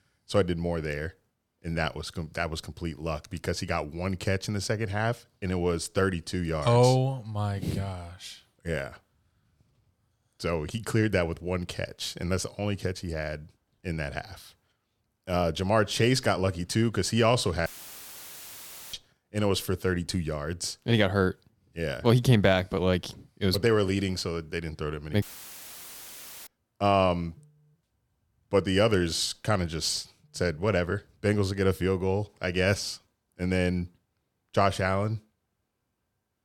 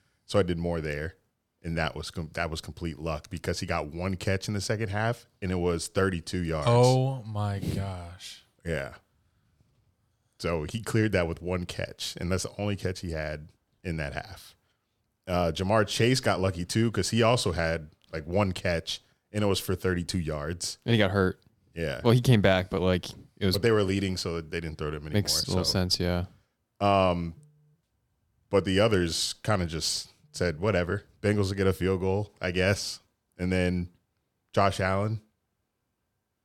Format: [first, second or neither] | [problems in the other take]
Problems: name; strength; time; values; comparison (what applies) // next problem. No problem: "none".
second | audio cutting out; filled with static; at 18 s for 1.5 s and at 25 s for 1.5 s